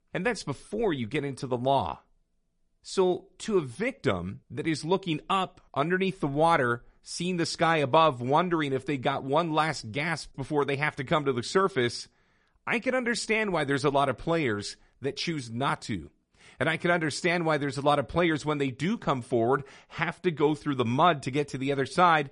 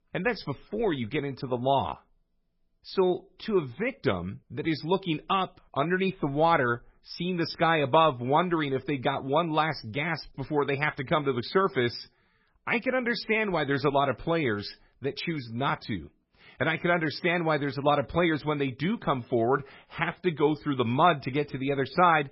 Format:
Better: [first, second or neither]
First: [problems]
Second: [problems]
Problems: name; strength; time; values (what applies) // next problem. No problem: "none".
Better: first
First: garbled, watery; slightly; nothing above 10.5 kHz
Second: garbled, watery; badly; nothing above 5.5 kHz